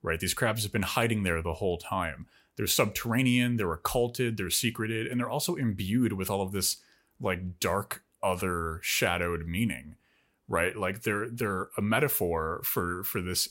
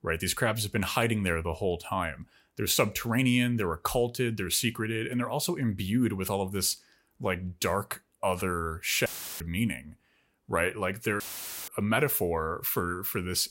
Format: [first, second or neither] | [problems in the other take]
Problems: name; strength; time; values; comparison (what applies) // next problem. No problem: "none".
first | audio cutting out; filled with static; at 9 s and at 11 s